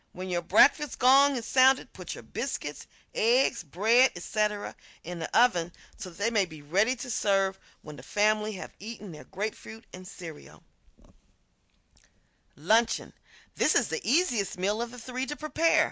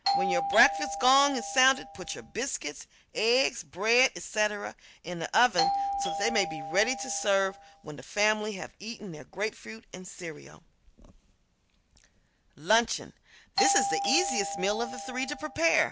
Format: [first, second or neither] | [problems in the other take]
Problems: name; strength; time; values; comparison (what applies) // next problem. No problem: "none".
first | background sound (Doorbell); 3 dB below the speech